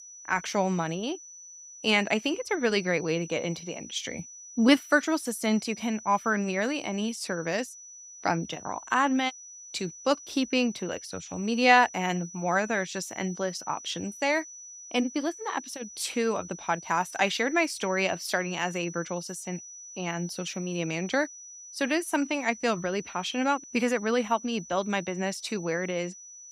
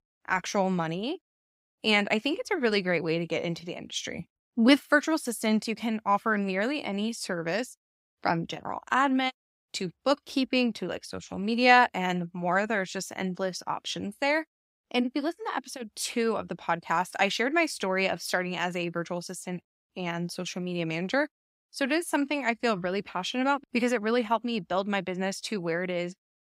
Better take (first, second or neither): second